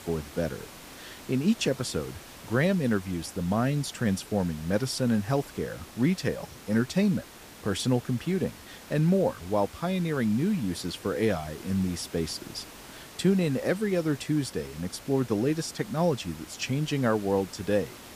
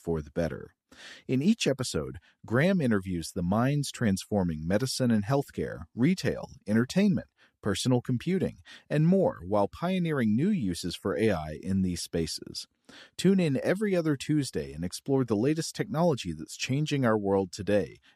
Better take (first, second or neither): second